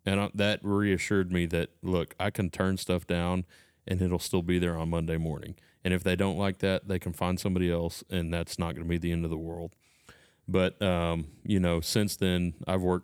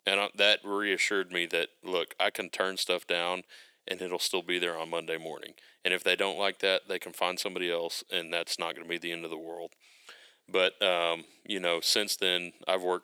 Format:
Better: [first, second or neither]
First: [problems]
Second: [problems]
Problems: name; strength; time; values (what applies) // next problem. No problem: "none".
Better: first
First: none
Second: thin; very; fading below 400 Hz